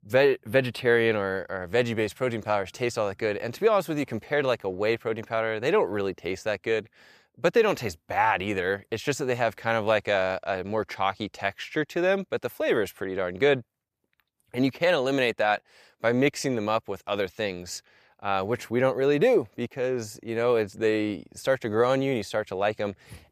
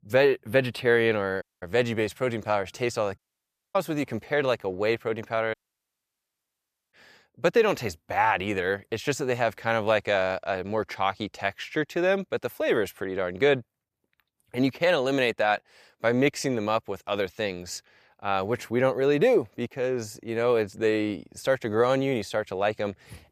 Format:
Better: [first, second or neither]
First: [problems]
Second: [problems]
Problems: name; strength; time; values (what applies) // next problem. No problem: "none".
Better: first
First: none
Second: audio cutting out; at 1.5 s, at 3 s for 0.5 s and at 5.5 s for 1.5 s